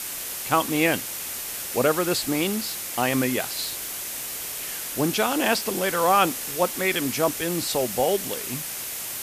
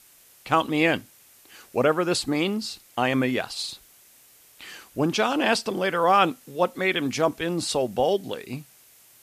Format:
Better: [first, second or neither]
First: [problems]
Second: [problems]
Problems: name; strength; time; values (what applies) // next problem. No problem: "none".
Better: second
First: hiss; loud; throughout; 5 dB below the speech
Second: hiss; faint; throughout; 25 dB below the speech